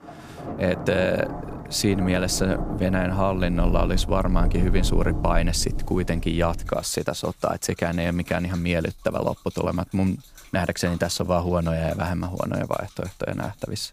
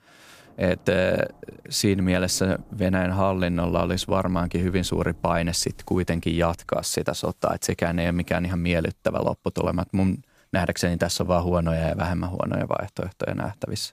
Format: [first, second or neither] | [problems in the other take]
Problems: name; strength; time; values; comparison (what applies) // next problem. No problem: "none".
second | rain or running water; loud; throughout; 6 dB below the speech; faint in the second